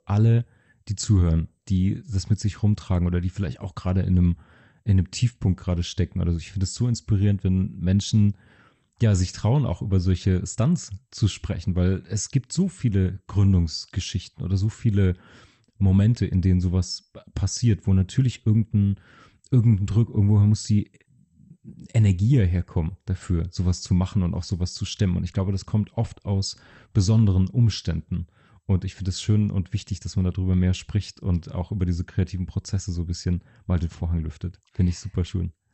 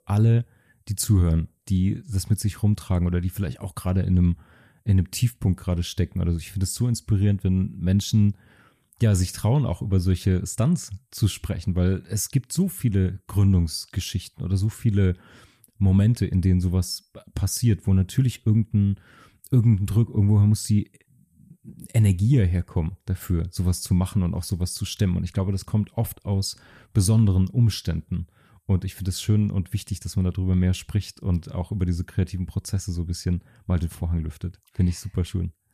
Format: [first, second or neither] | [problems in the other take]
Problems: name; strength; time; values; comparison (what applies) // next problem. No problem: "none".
second | garbled, watery; slightly; nothing above 8 kHz